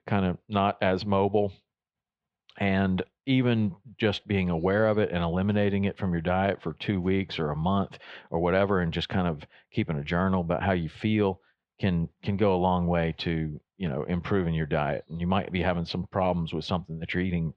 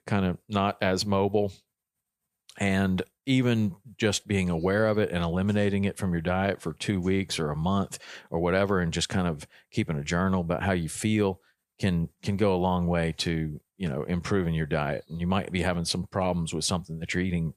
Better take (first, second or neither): second